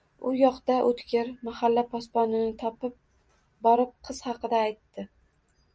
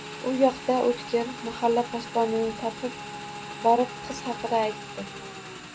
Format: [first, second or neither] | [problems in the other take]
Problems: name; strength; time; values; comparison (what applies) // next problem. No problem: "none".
first | background sound (Motorcycle / Engine); 11 dB below the speech